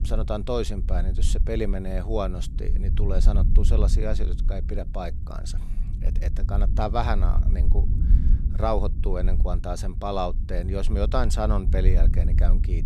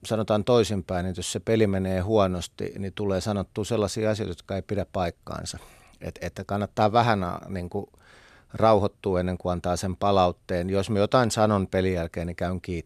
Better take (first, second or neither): second